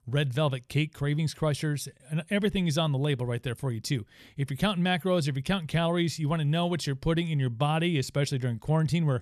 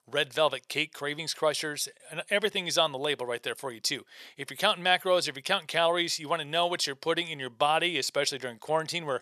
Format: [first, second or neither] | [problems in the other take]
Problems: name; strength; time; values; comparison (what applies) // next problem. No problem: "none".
first | thin; very; fading below 600 Hz